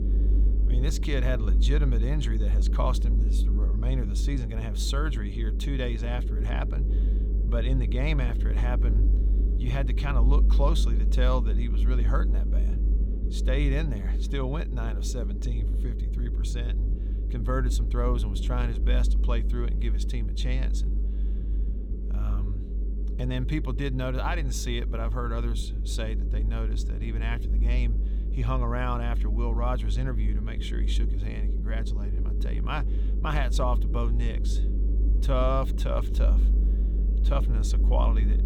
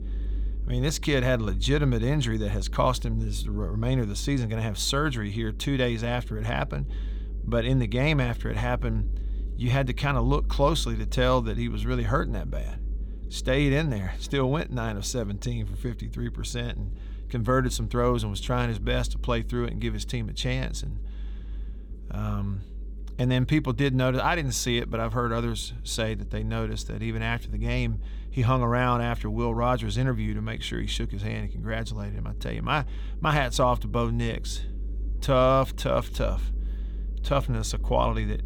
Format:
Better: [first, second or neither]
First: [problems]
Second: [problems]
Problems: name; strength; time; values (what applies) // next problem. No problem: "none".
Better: second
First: low rumble; loud; throughout; 10 dB below the speech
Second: low rumble; faint; throughout; 25 dB below the speech